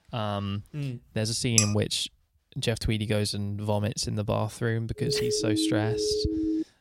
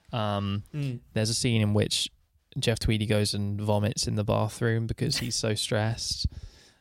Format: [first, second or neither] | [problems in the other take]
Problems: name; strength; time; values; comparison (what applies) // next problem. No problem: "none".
second | clattering dishes; loud; at 1.5 s; peak 5 dB above the speech // siren; loud; from 5 s on; peak 1 dB above the speech